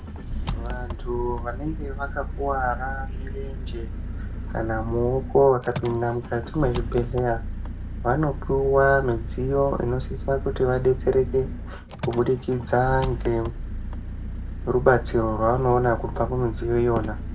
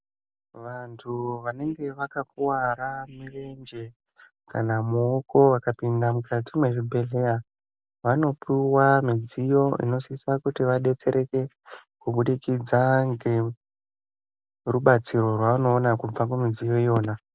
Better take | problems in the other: second | background sound (Engine); 6 dB below the speech // room echo; dies away in 0.2 s

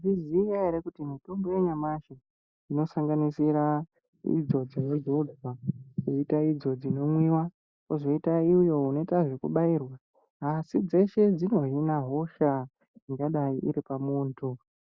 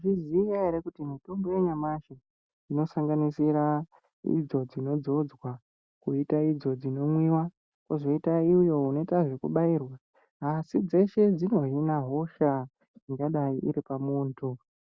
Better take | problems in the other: second | noise reduction (neural mask model Resemble Enhance denoiser)

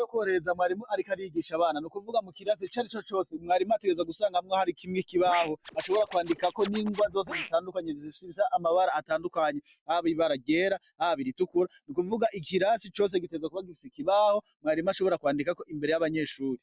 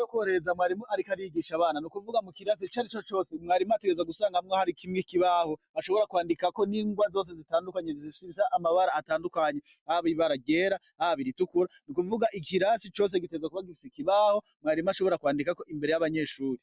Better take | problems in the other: second | background sound (Scratching (performance technique)); 12 dB below the speech

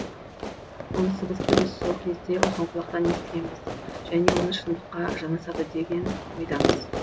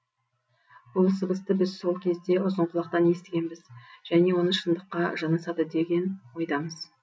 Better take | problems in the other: second | background sound (Fireworks); as loud as the speech

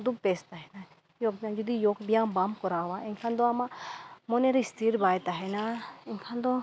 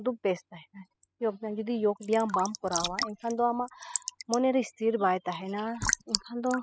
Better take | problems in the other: first | noise reduction (classical method spectral subtraction)

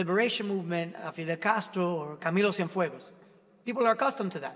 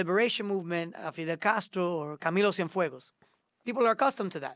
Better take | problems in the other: second | room echo; dies away in 1.8 s

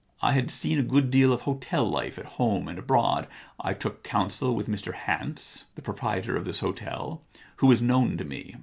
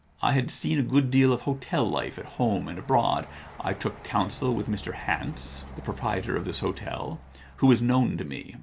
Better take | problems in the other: first | background sound (Truck); 18 dB below the speech

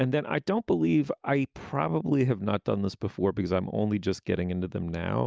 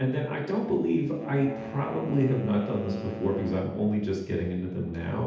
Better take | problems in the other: first | background sound (Wind instrument, woodwind instrument); 14 dB below the speech // room echo; dies away in 0.8 s

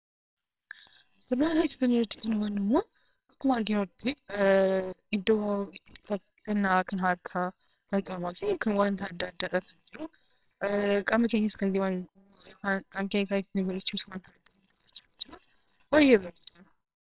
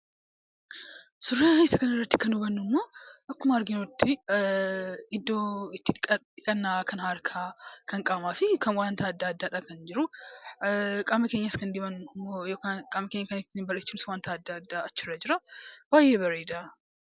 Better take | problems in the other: second | noise reduction (neural separator model SepFormer WHAMR!)

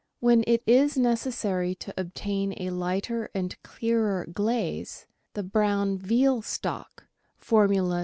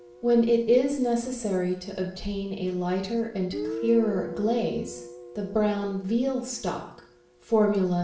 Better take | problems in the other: first | background sound (Guitar); 14 dB below the speech // room echo; dies away in 0.6 s

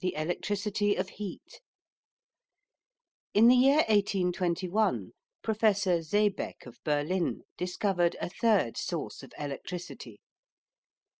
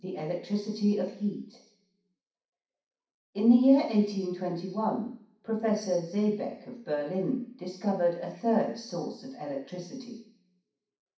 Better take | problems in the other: first | room echo; dies away in 0.6 s

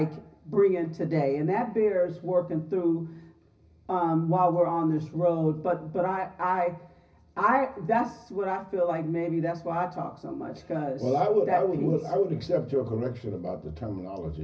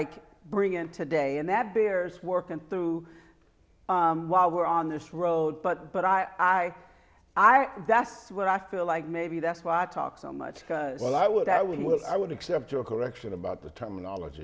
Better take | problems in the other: second | room echo; dies away in 0.4 s

